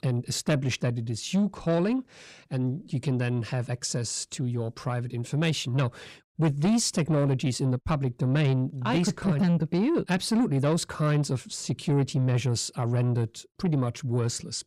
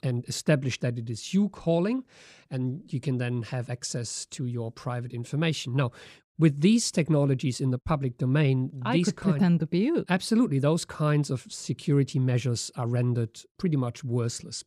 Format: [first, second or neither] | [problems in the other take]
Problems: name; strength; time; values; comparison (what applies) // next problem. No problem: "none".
second | distortion; slight; 10 dB below the speech